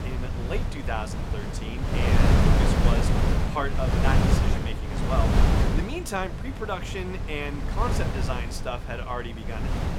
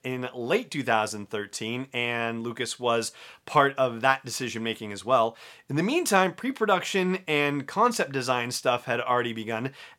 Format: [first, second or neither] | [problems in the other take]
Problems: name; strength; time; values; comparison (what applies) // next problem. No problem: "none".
second | wind noise on the microphone; heavy; 1 dB above the speech